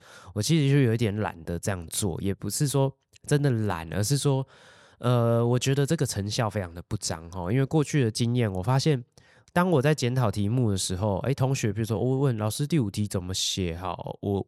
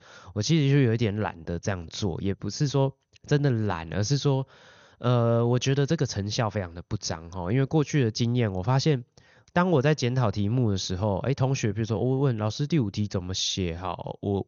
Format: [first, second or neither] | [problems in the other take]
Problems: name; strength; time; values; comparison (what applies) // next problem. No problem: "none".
first | garbled, watery; slightly; nothing above 6.5 kHz